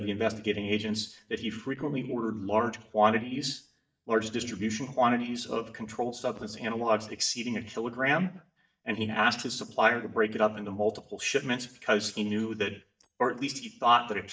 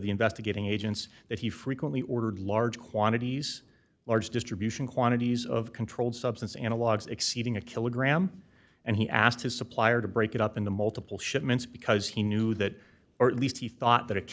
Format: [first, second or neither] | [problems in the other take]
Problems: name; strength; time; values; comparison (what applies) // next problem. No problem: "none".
second | noise reduction (neural mask model DeepFilterNet 3)